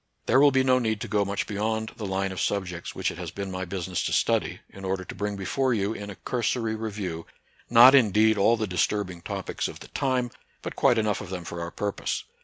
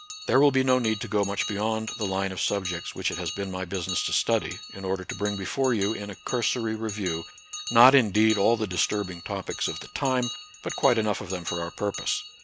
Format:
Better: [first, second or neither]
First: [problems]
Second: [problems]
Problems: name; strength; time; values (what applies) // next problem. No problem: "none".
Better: first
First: none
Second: background sound (Bell); 12 dB below the speech